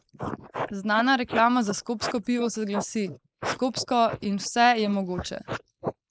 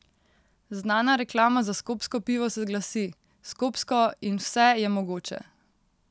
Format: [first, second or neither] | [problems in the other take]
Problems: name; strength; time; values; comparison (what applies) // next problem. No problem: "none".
second | noise reduction (neural mask model Resemble Enhance denoiser)